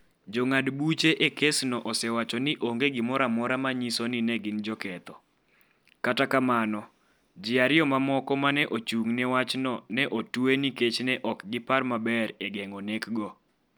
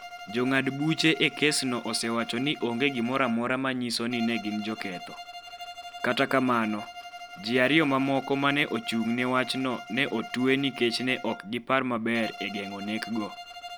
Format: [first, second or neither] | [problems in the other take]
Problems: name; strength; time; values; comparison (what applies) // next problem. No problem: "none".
first | background sound (Bowed string instrument); 14 dB below the speech